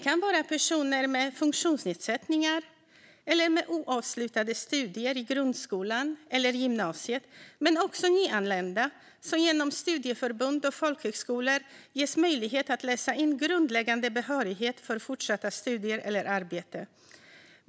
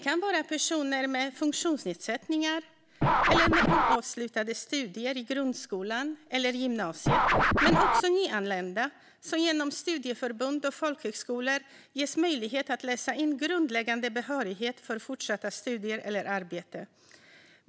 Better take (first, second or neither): first